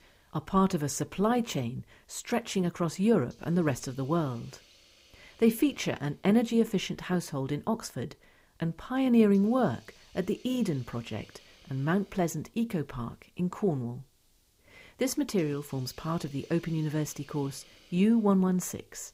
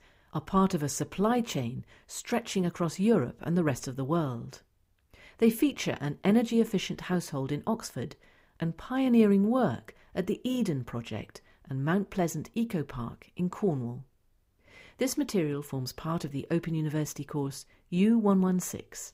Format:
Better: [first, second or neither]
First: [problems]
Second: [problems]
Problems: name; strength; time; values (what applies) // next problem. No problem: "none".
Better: second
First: hiss; faint; throughout; 30 dB below the speech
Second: none